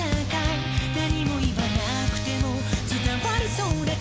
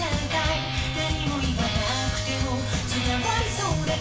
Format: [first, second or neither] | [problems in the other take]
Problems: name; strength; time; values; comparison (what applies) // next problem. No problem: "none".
first | room echo; dies away in 0.2 s